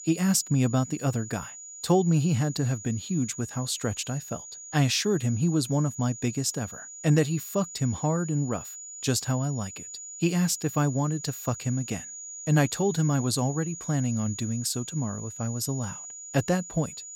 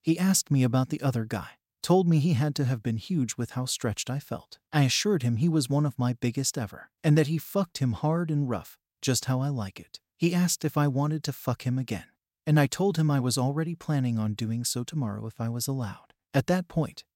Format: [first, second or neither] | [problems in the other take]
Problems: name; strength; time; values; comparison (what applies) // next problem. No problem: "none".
second | high-pitched whine; noticeable; throughout; 7 kHz, 10 dB below the speech